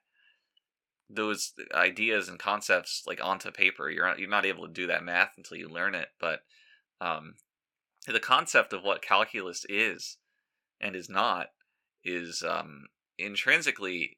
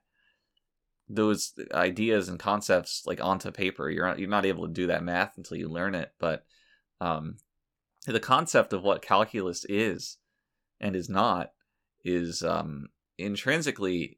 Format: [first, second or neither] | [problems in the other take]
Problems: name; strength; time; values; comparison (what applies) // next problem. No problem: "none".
second | thin; somewhat; fading below 600 Hz